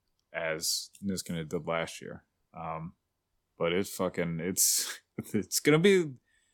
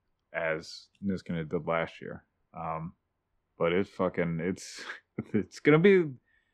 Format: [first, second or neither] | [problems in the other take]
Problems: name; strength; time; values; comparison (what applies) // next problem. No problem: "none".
first | muffled; very; fading above 2 kHz